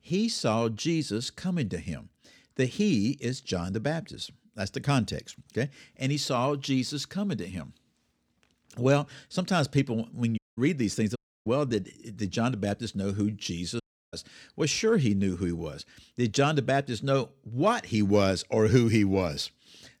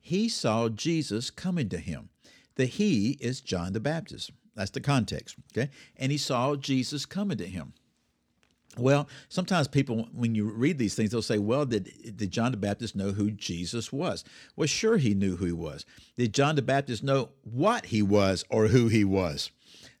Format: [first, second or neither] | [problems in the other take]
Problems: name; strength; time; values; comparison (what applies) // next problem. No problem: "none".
second | audio cutting out; at 10 s, at 11 s and at 14 s